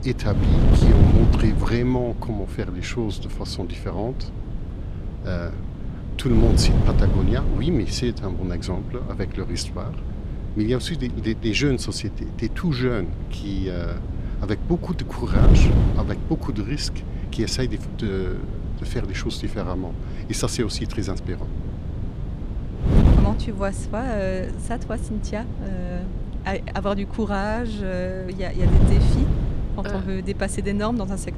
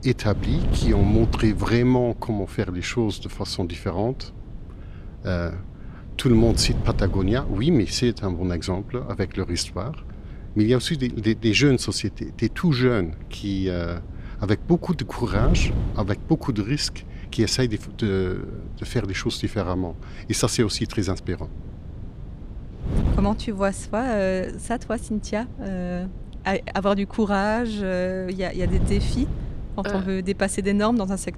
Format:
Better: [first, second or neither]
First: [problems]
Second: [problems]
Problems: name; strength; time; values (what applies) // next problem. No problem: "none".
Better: second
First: wind noise on the microphone; heavy; 6 dB below the speech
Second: wind noise on the microphone; occasional gusts; 15 dB below the speech